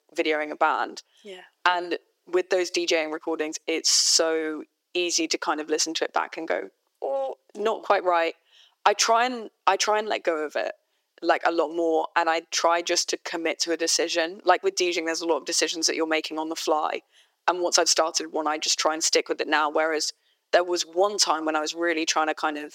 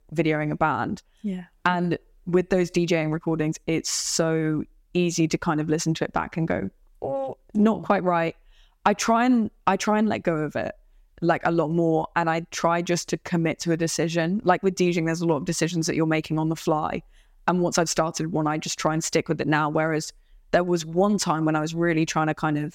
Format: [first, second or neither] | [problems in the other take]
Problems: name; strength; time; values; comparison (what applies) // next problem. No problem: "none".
second | thin; very; fading below 350 Hz